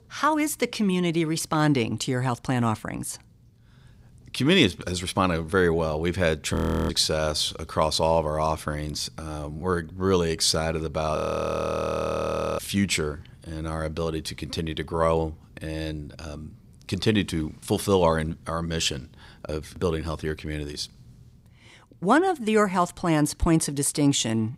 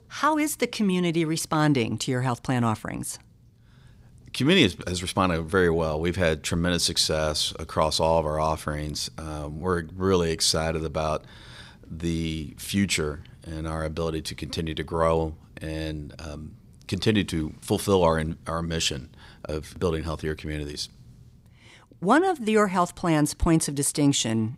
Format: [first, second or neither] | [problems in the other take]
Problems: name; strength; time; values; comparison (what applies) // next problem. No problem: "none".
second | audio freezing; at 6.5 s and at 11 s for 1.5 s